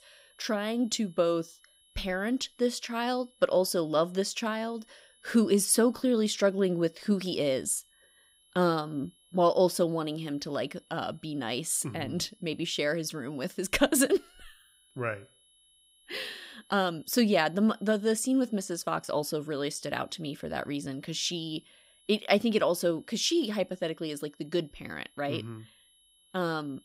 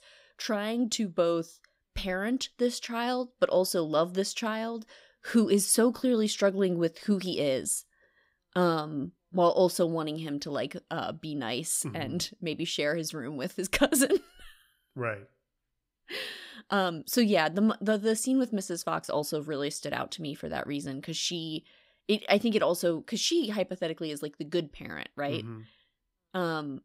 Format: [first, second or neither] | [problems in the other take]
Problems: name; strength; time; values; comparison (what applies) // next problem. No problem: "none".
second | high-pitched whine; faint; throughout; 3 kHz, 30 dB below the speech